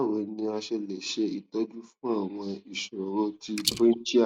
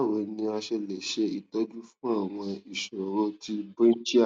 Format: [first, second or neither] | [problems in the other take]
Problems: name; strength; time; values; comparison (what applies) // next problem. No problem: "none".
second | noise reduction (neural mask model Resemble Enhance denoiser)